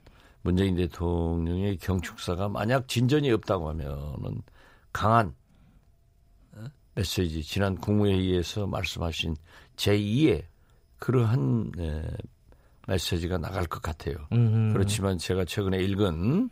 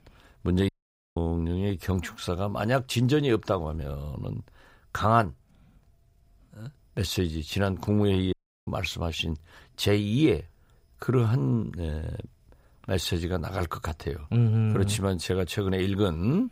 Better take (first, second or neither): first